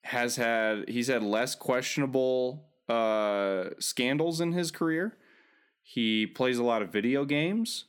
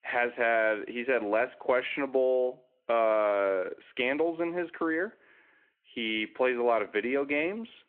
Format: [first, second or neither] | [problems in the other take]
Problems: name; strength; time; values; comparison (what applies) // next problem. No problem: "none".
first | phone-call audio